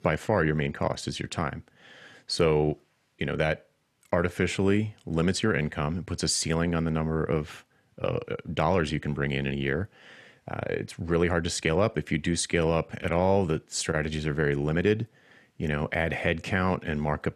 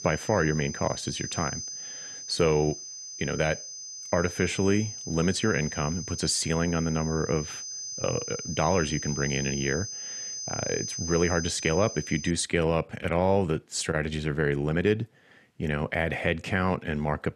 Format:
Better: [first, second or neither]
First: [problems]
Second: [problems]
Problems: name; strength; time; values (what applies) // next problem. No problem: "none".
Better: first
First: none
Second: high-pitched whine; loud; until 12 s; 6 kHz, 7 dB below the speech